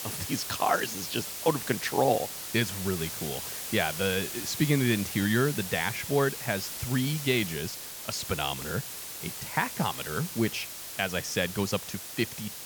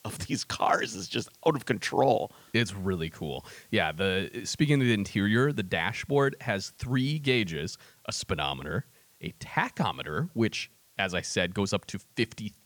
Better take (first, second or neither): second